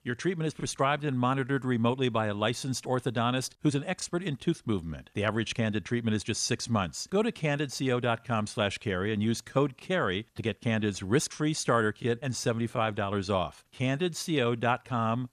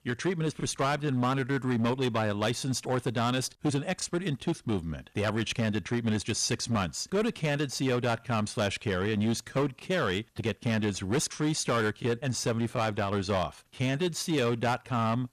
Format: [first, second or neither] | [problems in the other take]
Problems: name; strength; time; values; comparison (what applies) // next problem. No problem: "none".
first | distortion; slight; 10% of the sound clipped